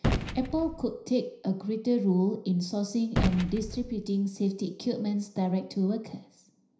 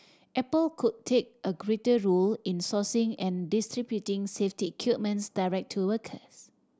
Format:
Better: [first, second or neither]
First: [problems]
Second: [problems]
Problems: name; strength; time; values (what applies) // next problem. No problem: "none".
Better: second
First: background sound (Gunshot, gunfire); 7 dB below the speech // room echo; dies away in 0.5 s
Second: none